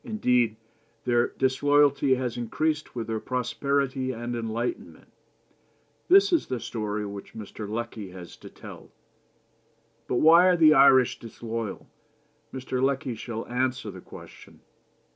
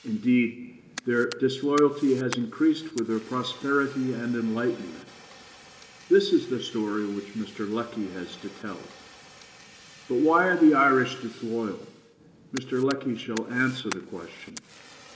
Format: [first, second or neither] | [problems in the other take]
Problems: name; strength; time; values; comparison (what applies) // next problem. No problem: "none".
first | background sound (Fire); 19 dB below the speech // room echo; dies away in 1.1 s